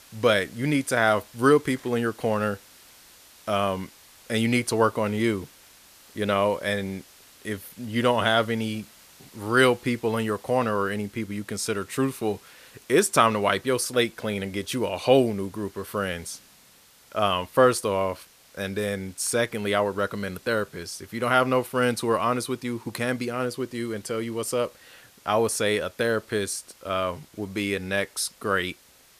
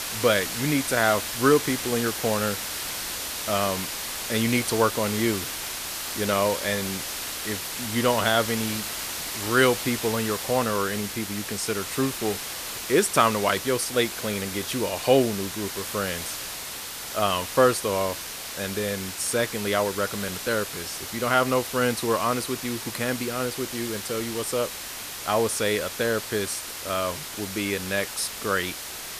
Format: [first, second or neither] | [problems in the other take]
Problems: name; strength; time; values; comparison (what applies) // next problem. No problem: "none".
first | hiss; loud; throughout; 5 dB below the speech; faint in the first